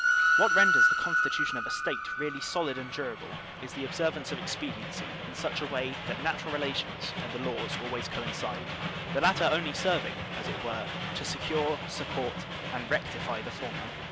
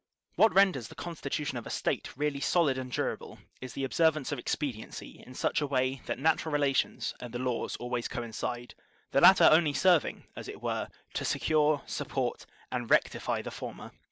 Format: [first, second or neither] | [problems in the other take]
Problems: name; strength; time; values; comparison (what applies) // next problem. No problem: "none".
second | background sound (Train); 2 dB above the speech